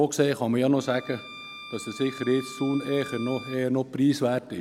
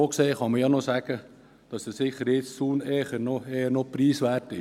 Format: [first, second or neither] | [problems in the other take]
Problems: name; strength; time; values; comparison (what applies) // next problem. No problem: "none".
second | background sound (Bowed string instrument); 17 dB below the speech